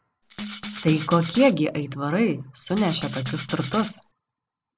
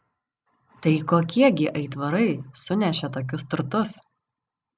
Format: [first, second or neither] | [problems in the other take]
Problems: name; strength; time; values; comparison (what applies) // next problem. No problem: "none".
second | background sound (Rattle (instrument)); 12 dB below the speech